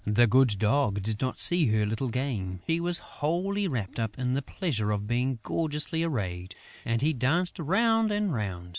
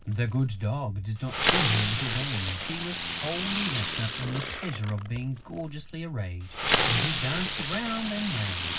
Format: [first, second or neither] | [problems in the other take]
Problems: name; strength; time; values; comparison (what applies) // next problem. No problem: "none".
first | background sound (Fireworks); as loud as the speech // room echo; dies away in 0.4 s